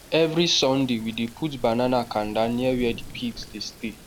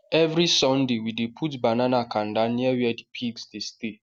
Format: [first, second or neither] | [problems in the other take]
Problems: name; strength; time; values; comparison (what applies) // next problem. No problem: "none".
second | background sound (Thunder / Rain); 17 dB below the speech